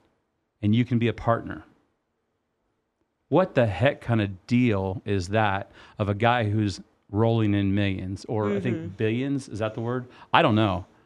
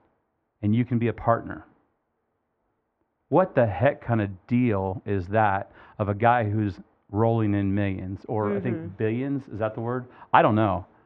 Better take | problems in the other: first | muffled; very; fading above 1.5 kHz

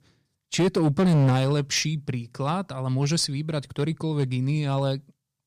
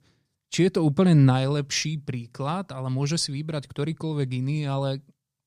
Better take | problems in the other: second | distortion; slight; 6% of the sound clipped

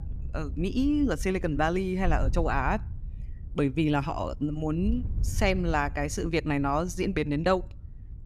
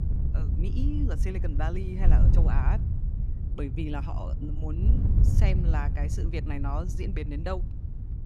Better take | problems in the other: first | wind noise on the microphone; heavy; 5 dB below the speech; occasional gusts in the first

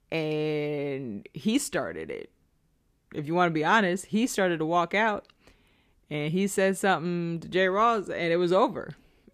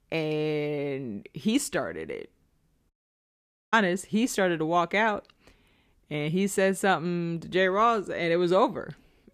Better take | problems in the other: first | audio cutting out; at 3 s for 1 s

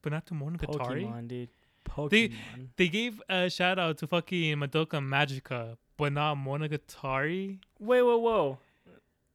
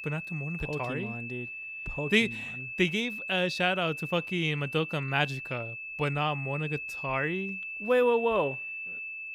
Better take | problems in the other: first | high-pitched whine; loud; throughout; 2.5 kHz, 7 dB below the speech

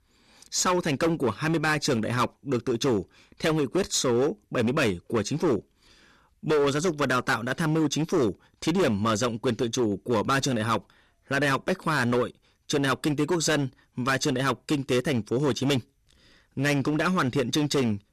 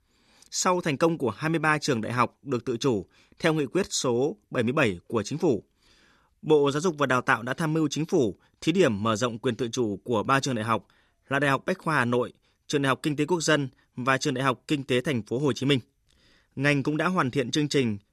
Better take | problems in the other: second | distortion; heavy; 12% of the sound clipped

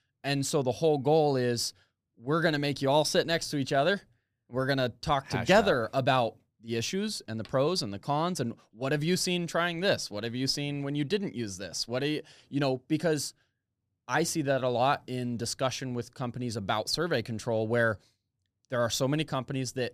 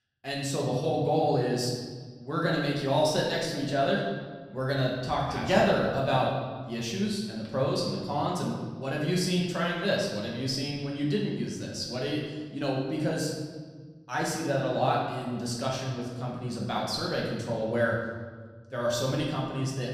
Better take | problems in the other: first | room echo; noticeable; dies away in 1.4 s // off-mic speech; far

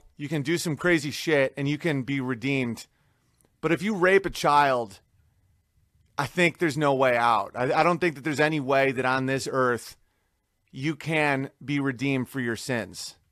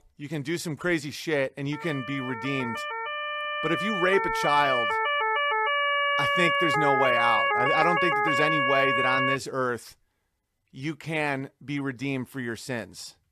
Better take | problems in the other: first | siren; loud; from 1.5 to 9.5 s; peak 6 dB above the speech

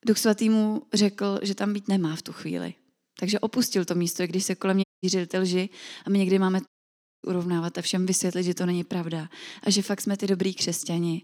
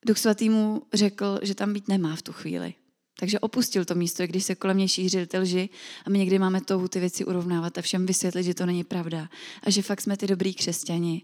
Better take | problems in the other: second | audio cutting out; at 5 s and at 6.5 s for 0.5 s

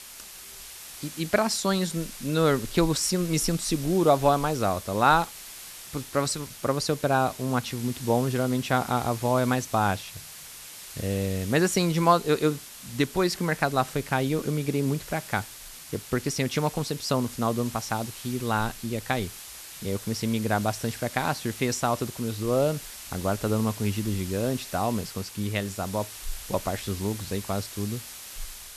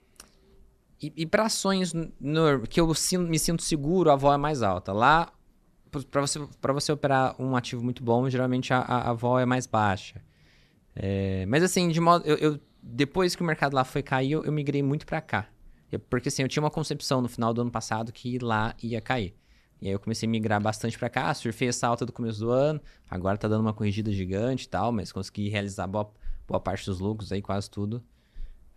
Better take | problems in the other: second | hiss; noticeable; throughout; 15 dB below the speech

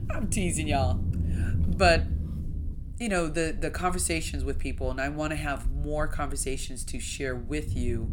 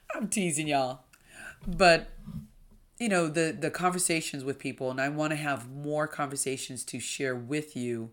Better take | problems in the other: second | low rumble; noticeable; throughout; 15 dB below the speech

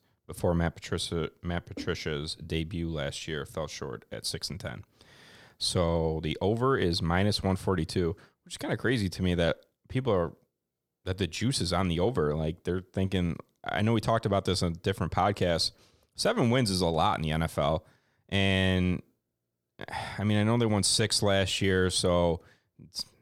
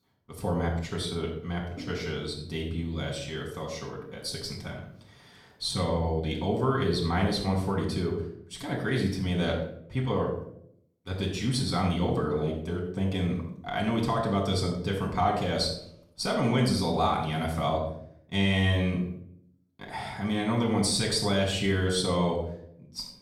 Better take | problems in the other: first | off-mic speech; far // room echo; noticeable; dies away in 0.5 s

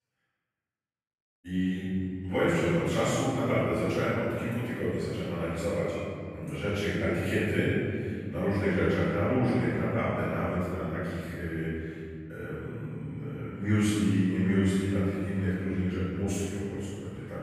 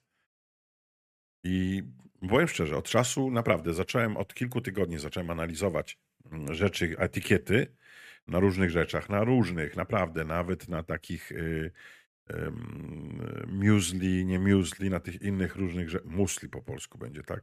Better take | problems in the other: second | room echo; strong; dies away in 2.3 s // off-mic speech; far

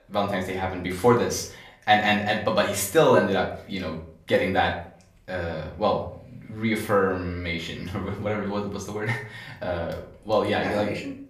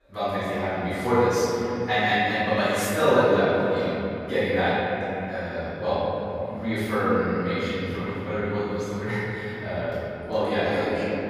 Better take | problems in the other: first | room echo; strong; dies away in 3 s; slight in the first // off-mic speech; far; far in the first

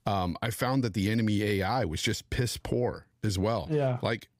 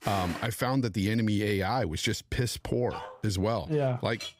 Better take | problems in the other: first | footsteps; noticeable; at the start; peak 8 dB below the speech // dog barking; faint; at 3 s; peak 15 dB below the speech // clattering dishes; very faint; at 4 s; peak 10 dB below the speech

